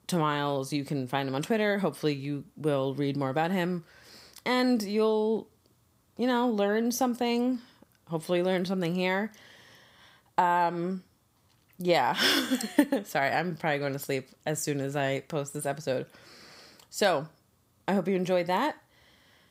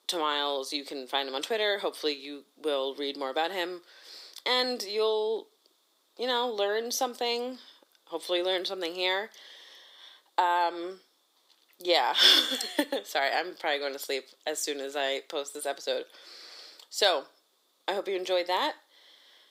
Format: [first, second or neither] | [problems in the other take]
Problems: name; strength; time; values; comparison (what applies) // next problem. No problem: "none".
first | thin; somewhat; fading below 350 Hz